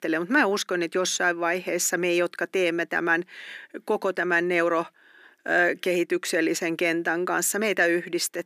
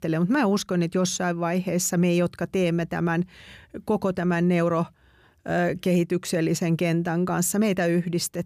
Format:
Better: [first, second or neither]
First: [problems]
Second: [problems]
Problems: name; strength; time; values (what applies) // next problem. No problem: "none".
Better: second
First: thin; somewhat; fading below 300 Hz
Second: none